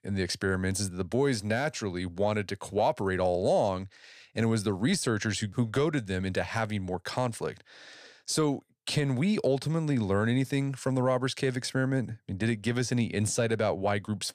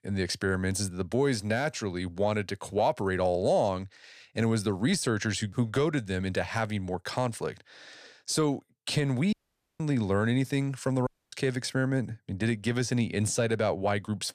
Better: first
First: none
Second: audio cutting out; at 9.5 s and at 11 s

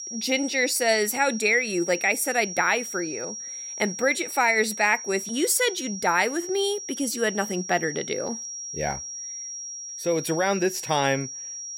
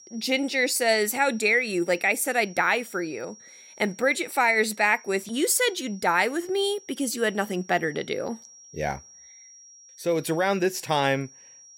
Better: second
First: high-pitched whine; loud; throughout; 5.5 kHz, 9 dB below the speech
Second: high-pitched whine; faint; throughout; 5.5 kHz, 25 dB below the speech

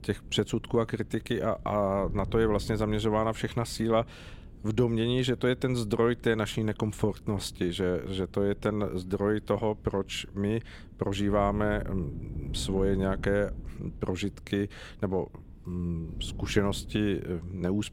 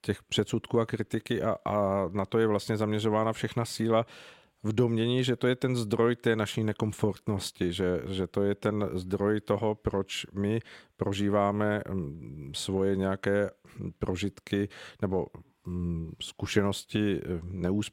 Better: second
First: wind noise on the microphone; occasional gusts; 25 dB below the speech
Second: none

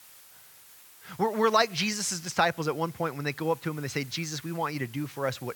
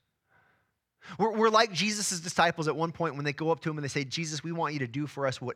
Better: second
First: hiss; faint; throughout; 20 dB below the speech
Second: none

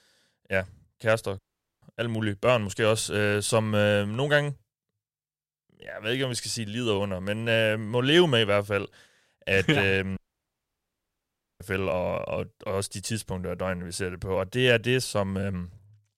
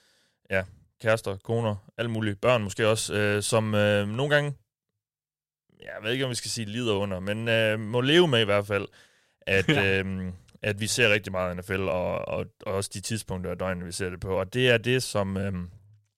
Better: second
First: audio cutting out; at 1.5 s and at 10 s for 1.5 s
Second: none

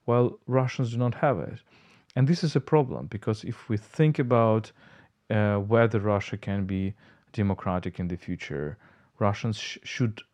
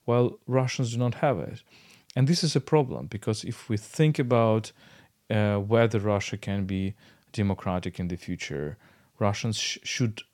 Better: second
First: muffled; slightly; fading above 2 kHz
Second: none

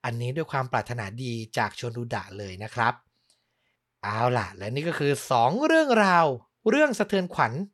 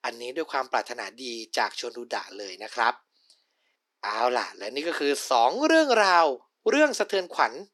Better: first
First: none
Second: thin; somewhat; fading below 300 Hz

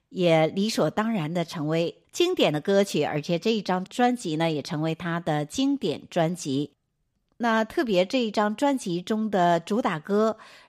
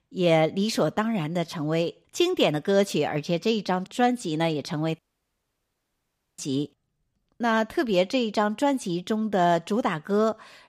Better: first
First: none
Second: audio cutting out; at 5 s for 1.5 s

